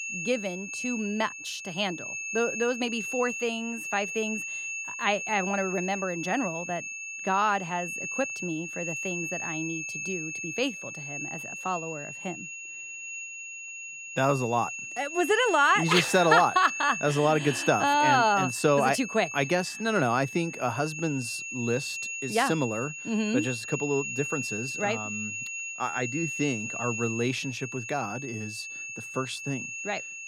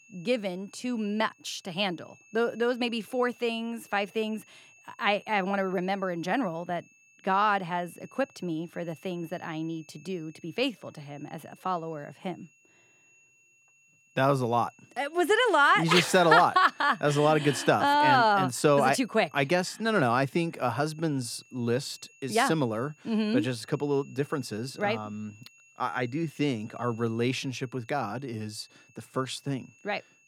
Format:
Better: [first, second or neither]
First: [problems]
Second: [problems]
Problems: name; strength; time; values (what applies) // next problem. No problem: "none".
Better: second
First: high-pitched whine; loud; throughout; 2.5 kHz, 6 dB below the speech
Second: high-pitched whine; faint; throughout; 2.5 kHz, 30 dB below the speech